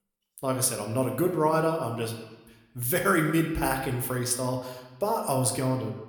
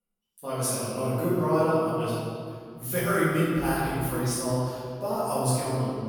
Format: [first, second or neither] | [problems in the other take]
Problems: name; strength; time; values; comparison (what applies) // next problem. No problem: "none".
first | room echo; strong; dies away in 2.1 s; slight in the first // off-mic speech; far